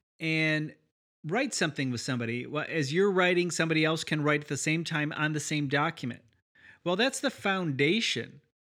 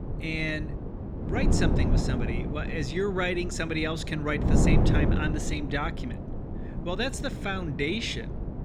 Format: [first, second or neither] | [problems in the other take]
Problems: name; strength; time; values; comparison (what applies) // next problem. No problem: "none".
first | wind noise on the microphone; heavy; 5 dB below the speech